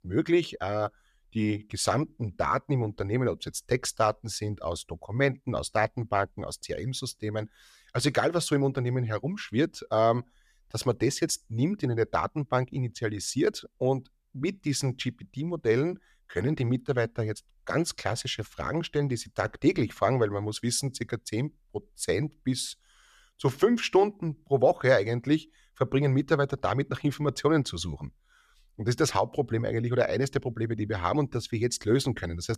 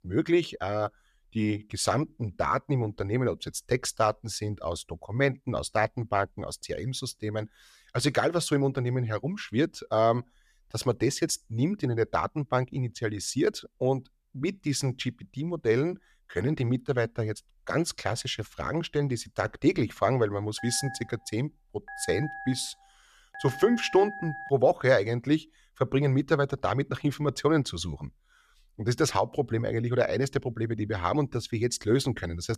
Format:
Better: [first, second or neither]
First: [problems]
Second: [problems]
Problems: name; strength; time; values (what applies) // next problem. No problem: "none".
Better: first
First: none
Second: phone ringing; faint; from 21 to 25 s; peak 10 dB below the speech